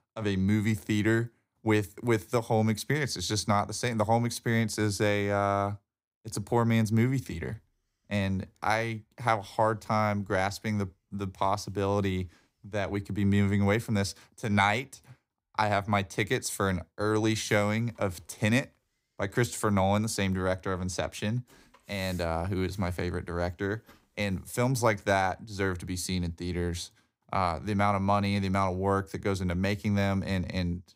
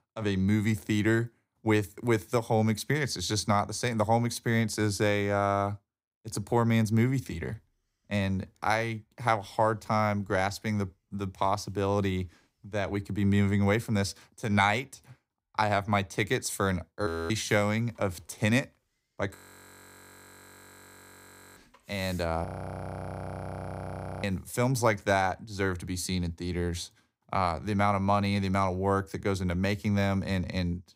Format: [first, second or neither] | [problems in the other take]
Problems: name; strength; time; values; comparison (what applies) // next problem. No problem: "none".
first | audio freezing; at 17 s, at 19 s for 2 s and at 22 s for 2 s